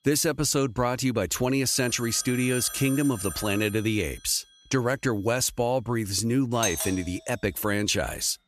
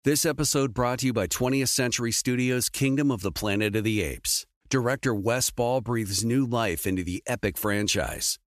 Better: second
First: alarms or sirens; loud; throughout; 8 dB below the speech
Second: none

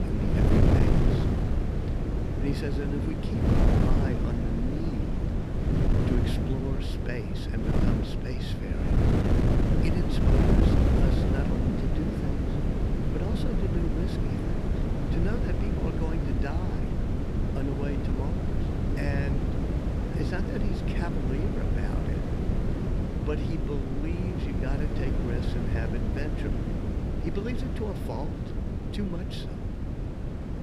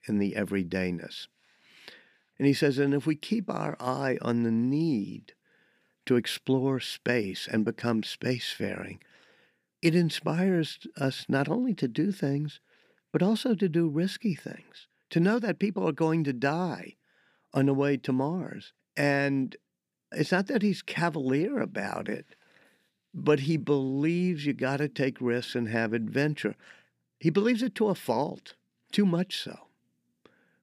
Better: second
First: wind noise on the microphone; heavy; 4 dB above the speech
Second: none

